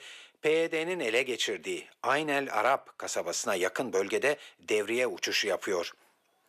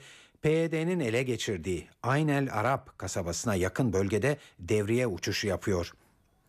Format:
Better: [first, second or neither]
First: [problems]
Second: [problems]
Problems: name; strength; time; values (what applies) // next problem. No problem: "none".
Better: second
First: thin; somewhat; fading below 500 Hz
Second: none